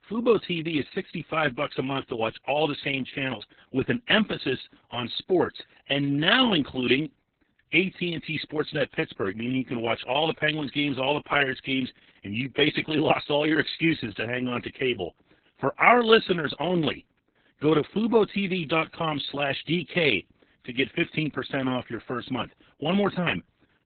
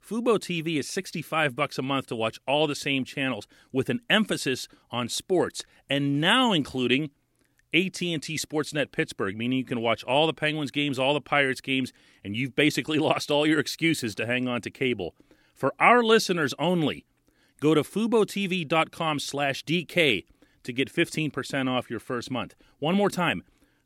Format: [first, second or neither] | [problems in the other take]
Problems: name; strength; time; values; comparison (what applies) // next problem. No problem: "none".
second | garbled, watery; badly; nothing above 4 kHz